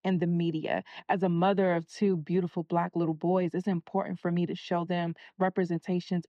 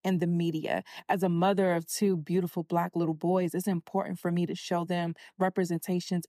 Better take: second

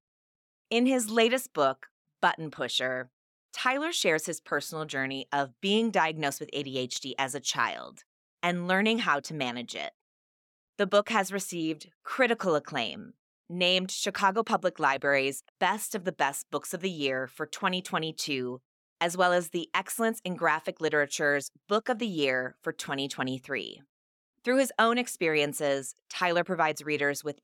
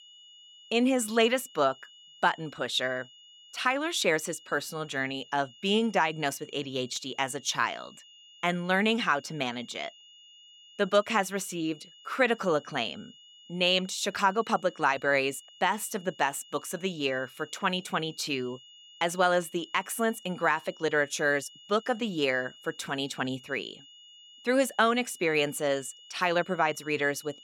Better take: first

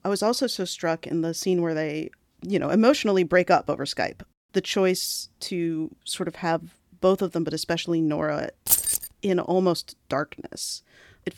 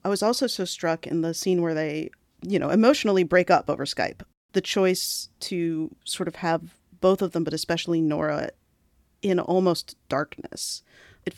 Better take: second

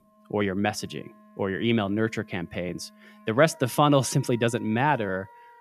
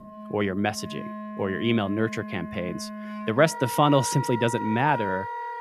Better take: first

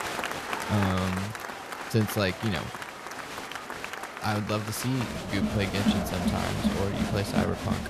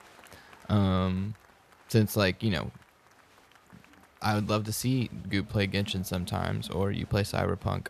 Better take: second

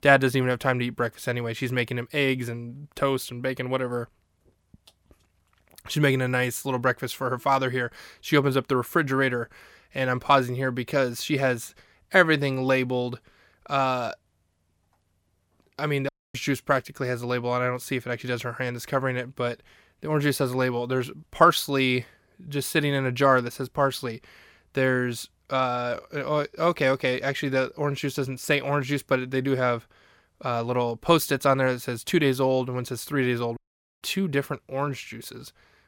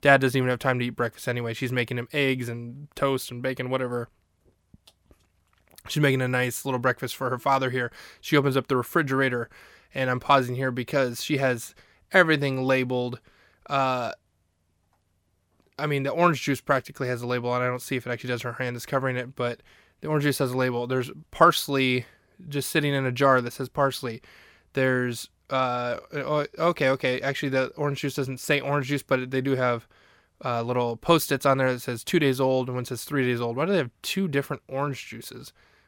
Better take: second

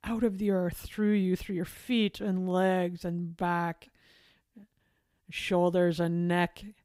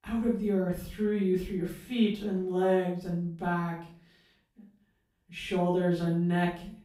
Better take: first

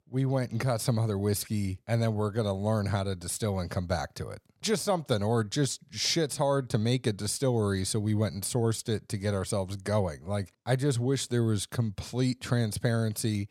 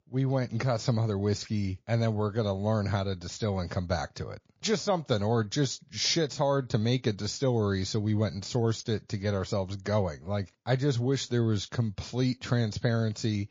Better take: first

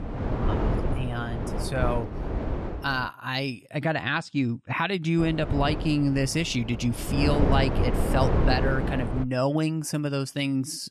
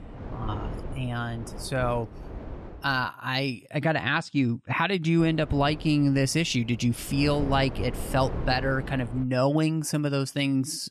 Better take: second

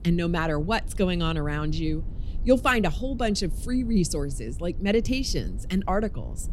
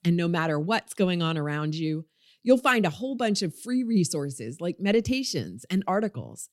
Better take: second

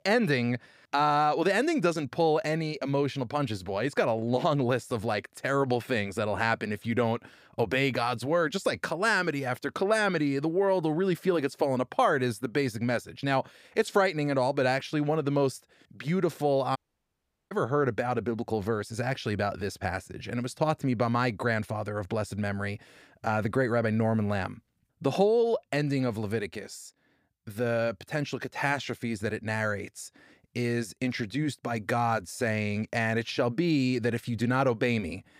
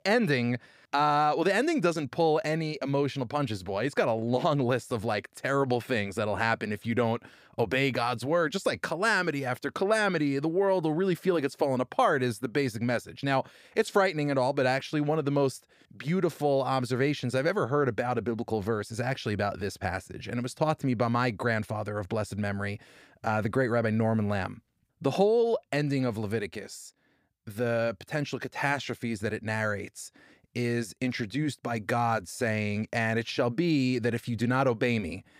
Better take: second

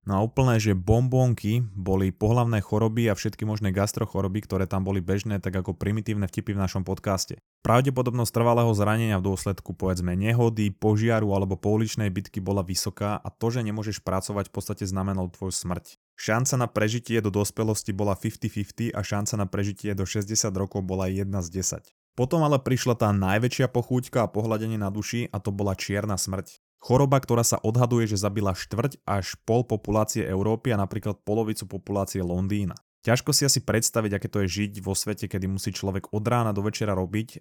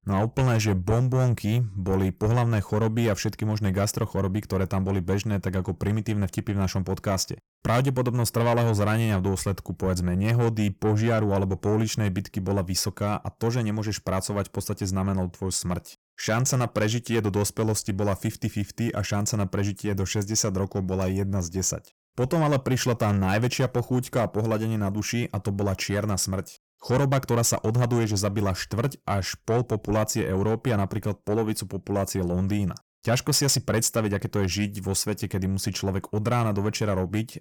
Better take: first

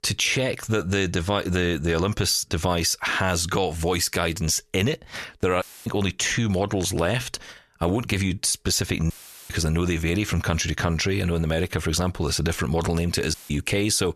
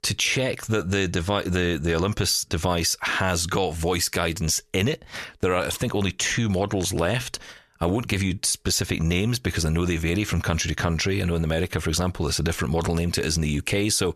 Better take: second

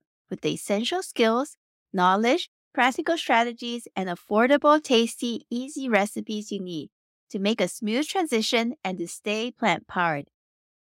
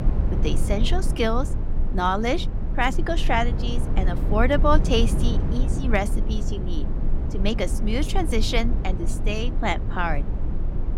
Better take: first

